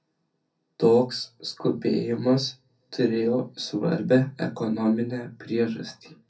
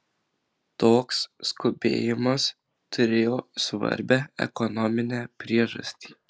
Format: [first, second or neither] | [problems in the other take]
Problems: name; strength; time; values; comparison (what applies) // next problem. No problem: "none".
second | room echo; dies away in 0.3 s